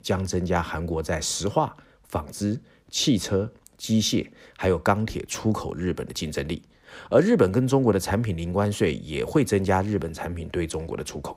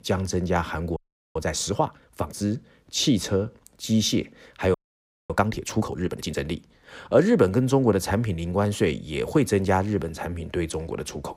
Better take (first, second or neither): first